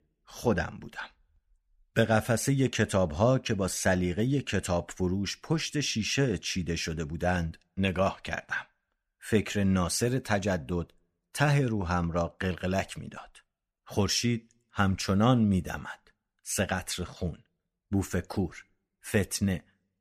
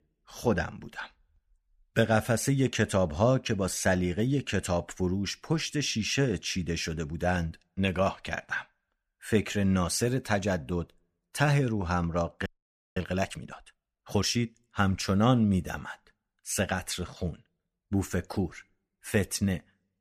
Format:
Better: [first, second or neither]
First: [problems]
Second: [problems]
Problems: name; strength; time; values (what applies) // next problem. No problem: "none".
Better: first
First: none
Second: audio freezing; at 12 s for 0.5 s